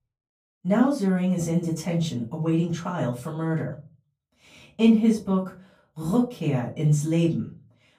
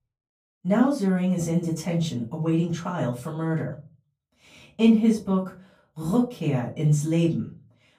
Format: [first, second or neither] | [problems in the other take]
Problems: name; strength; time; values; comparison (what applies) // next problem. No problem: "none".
neither | off-mic speech; far; the same in both // room echo; slight; dies away in 0.3 s; the same in both